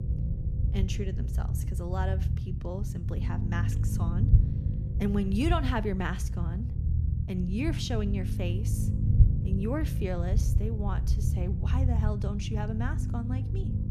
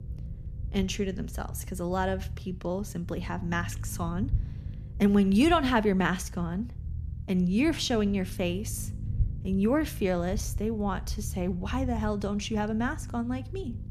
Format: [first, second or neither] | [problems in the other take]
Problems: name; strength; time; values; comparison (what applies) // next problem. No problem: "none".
second | low rumble; loud; throughout; 6 dB below the speech; faint in the second